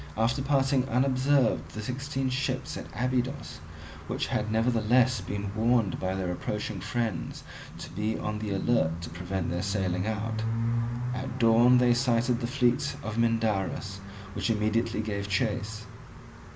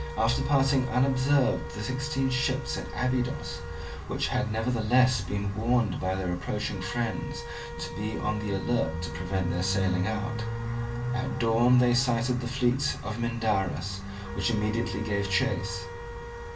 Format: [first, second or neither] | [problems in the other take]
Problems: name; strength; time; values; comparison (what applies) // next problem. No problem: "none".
first | background sound (Wind instrument, woodwind instrument); 15 dB below the speech // room echo; dies away in 0.2 s